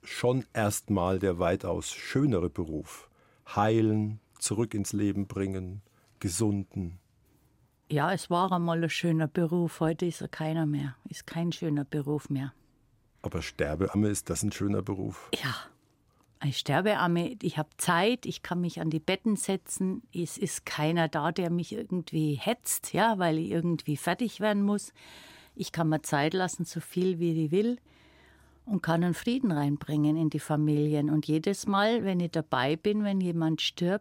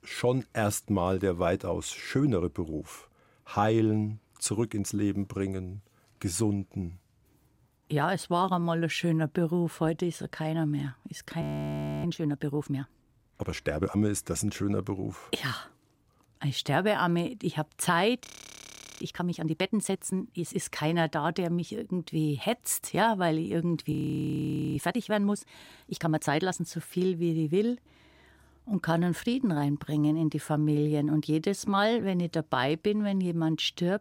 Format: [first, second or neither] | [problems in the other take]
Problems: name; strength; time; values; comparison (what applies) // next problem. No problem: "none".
first | audio freezing; at 11 s for 0.5 s, at 18 s for 1 s and at 24 s for 1 s